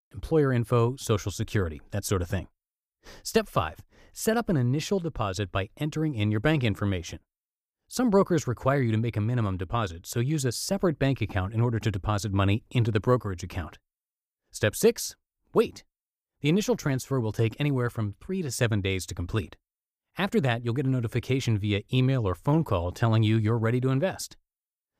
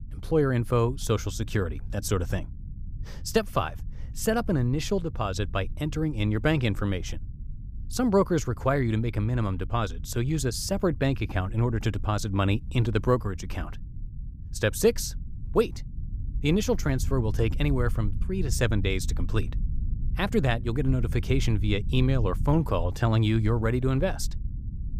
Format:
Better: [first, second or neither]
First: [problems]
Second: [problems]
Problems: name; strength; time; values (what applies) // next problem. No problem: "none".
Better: first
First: none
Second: low rumble; faint; throughout; 20 dB below the speech